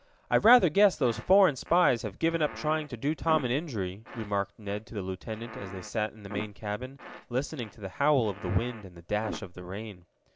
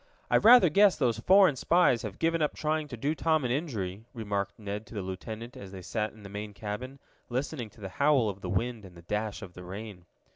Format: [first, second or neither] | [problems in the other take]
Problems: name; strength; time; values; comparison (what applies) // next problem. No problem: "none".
second | background sound (Fart); 16 dB below the speech